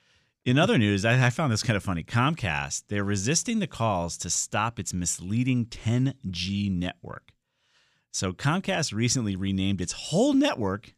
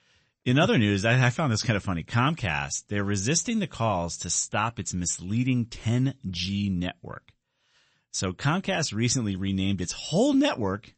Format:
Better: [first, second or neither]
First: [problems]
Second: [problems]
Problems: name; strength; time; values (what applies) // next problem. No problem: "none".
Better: first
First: none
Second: garbled, watery; slightly; nothing above 8 kHz